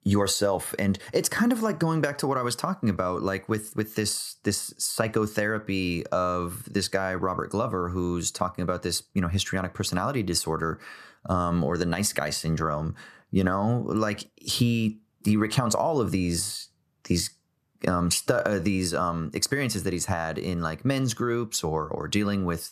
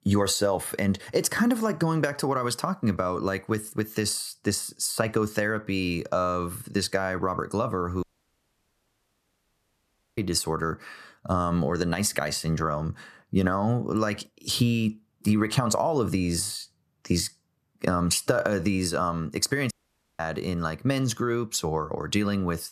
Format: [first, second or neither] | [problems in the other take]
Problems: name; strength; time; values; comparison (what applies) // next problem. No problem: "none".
first | audio cutting out; at 8 s for 2 s and at 20 s